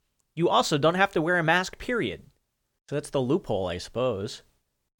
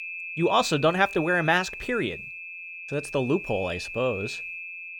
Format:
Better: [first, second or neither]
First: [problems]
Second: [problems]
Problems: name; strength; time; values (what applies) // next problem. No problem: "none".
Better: first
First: none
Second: high-pitched whine; loud; throughout; 2.5 kHz, 9 dB below the speech